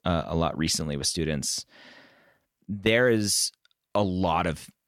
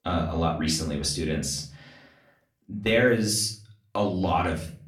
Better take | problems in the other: first | room echo; slight; dies away in 0.4 s // off-mic speech; far

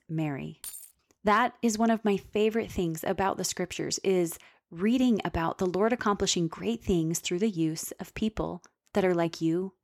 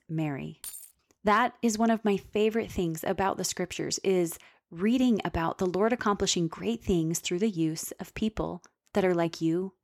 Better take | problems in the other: neither | jangling keys; faint; at 0.5 s; peak 10 dB below the speech; the same in both

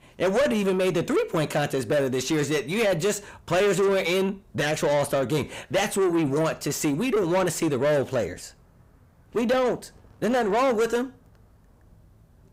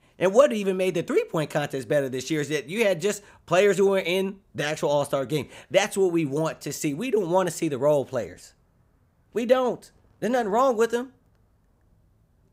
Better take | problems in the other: second | distortion; heavy; 7 dB below the speech

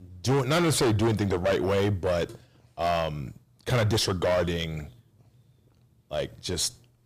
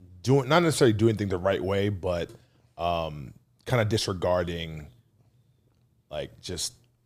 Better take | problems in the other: second | distortion; heavy; 11% of the sound clipped

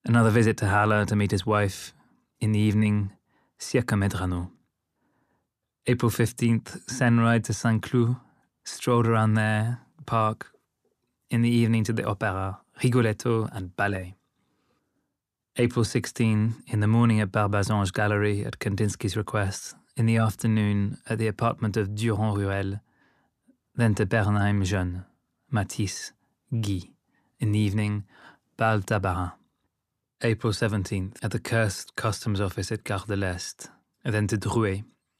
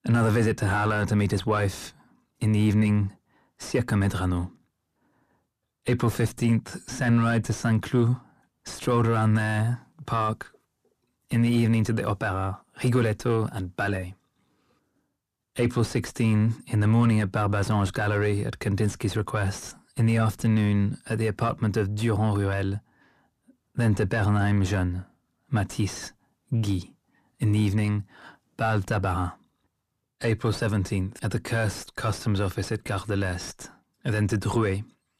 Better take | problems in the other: first | distortion; slight; 10 dB below the speech

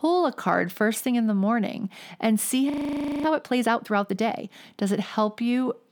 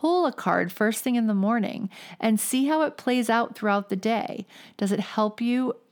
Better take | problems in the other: second | audio freezing; at 2.5 s for 0.5 s

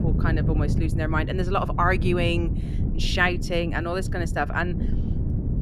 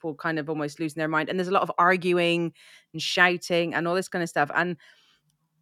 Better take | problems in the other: second | wind noise on the microphone; occasional gusts; 10 dB below the speech

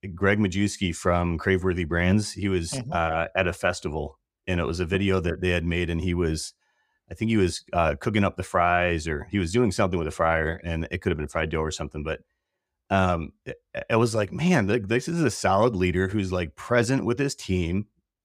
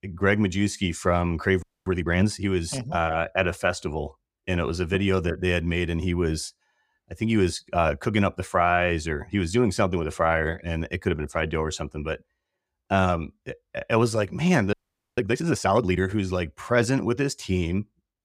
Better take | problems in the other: first | audio freezing; at 1.5 s and at 15 s

